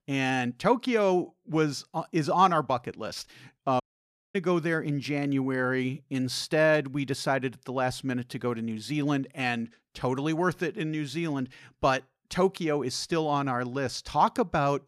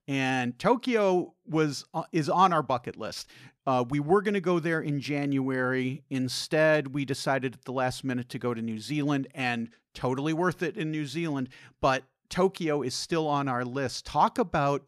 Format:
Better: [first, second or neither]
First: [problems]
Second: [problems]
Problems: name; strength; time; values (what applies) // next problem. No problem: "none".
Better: second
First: audio cutting out; at 4 s for 0.5 s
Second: none